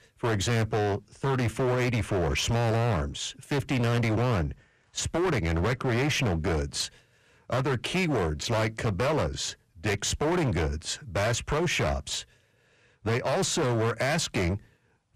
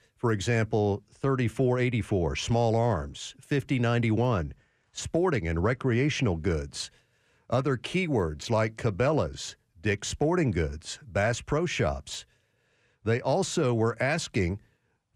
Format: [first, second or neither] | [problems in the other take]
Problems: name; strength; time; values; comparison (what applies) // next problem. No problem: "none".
second | distortion; heavy; 23% of the sound clipped